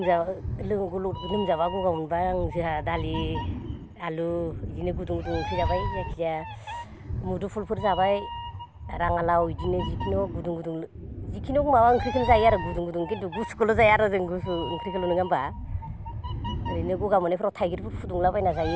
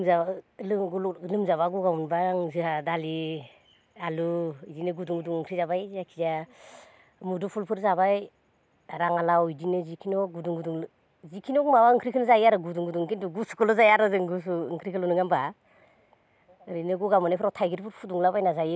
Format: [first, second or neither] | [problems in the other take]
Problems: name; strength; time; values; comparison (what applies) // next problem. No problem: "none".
second | background sound (Meow); 7 dB below the speech